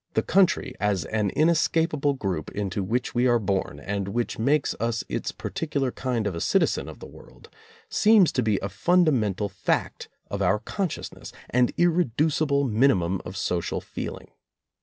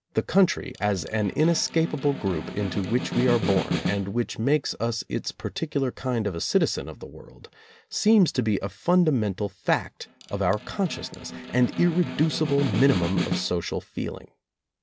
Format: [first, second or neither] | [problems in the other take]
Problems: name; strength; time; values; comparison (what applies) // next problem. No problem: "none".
first | background sound (Snare drum); 7 dB below the speech